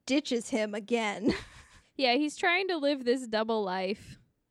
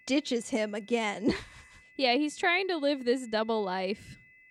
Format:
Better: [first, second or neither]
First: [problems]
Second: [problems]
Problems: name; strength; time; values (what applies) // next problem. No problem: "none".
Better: first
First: none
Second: high-pitched whine; faint; throughout; 2 kHz, 25 dB below the speech